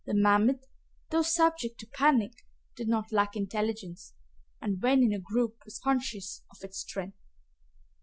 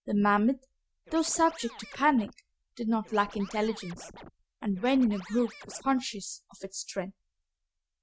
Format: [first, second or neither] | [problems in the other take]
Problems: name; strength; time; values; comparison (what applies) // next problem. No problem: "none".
first | noise reduction (neural mask model RNNoise)